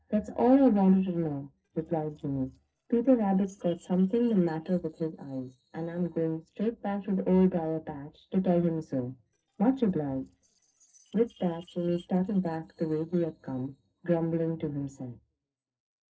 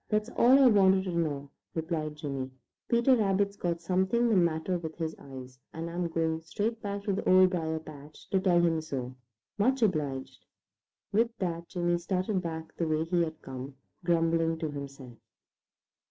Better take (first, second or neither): second